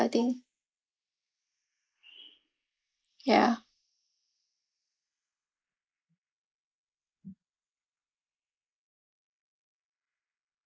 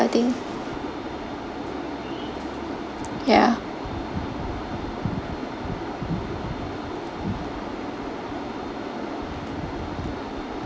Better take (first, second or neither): second